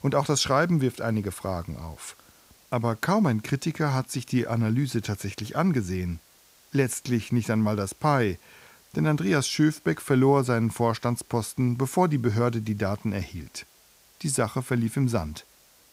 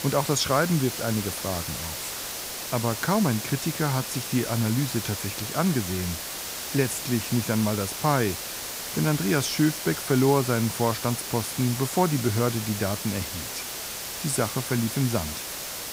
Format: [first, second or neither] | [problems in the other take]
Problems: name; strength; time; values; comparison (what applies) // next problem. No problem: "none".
first | hiss; loud; throughout; 5 dB below the speech; faint in the first